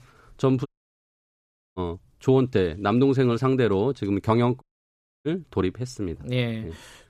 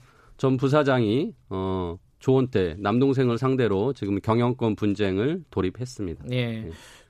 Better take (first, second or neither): second